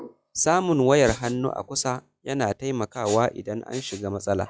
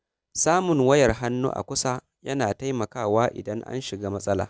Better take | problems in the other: second | noise reduction (classical method log-MMSE)

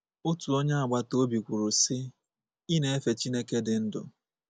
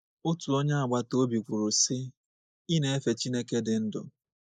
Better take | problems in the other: first | noise reduction (neural mask model Resemble Enhance denoiser)

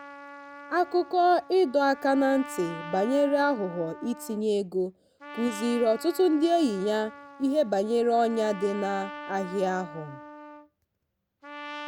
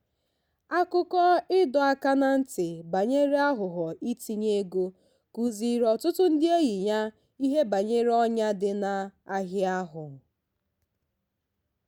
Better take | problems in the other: second | background sound (Trumpet); 15 dB below the speech

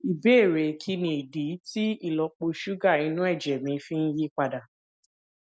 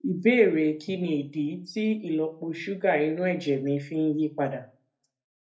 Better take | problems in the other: first | room echo; dies away in 0.3 s

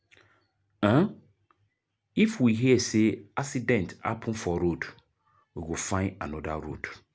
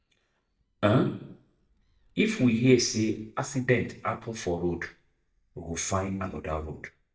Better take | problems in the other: first | noise reduction (neural mask model DeepFilterNet 3)

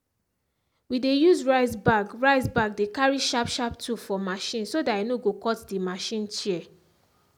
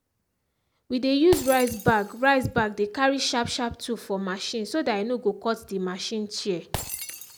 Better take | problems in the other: first | background sound (Shatter); 16 dB below the speech

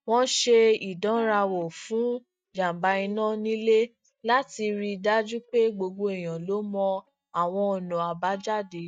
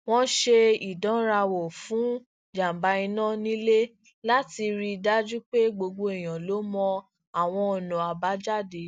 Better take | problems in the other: second | noise reduction (neural mask model DeepFilterNet 3)

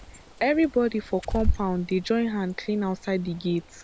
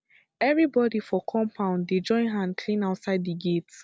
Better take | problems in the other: second | background sound (Bird); 6 dB below the speech

